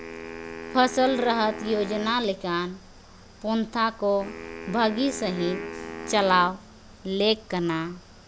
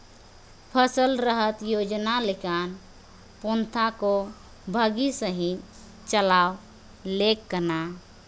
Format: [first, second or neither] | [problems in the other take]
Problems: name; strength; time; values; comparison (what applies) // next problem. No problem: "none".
second | background sound (Wind instrument, woodwind instrument); 12 dB below the speech